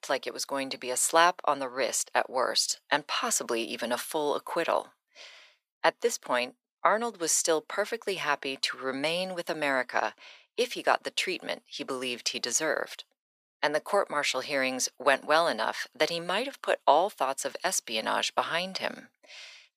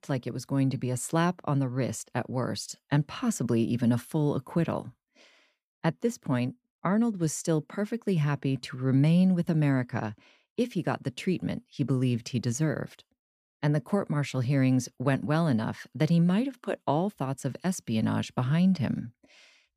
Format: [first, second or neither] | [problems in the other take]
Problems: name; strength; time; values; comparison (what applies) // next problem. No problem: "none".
second | thin; very; fading below 550 Hz